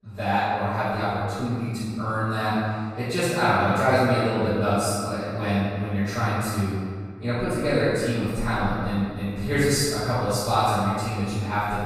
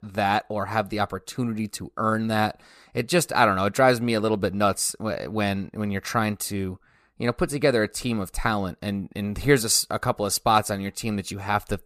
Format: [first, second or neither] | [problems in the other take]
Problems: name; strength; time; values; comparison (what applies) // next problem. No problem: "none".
second | room echo; strong; dies away in 1.8 s // off-mic speech; far